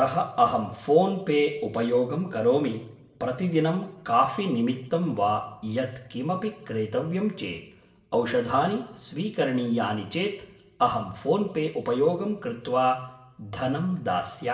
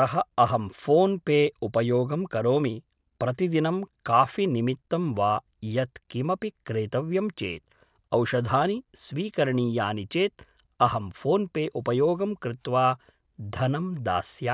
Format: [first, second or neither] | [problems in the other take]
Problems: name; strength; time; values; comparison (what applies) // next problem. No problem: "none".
second | room echo; dies away in 0.6 s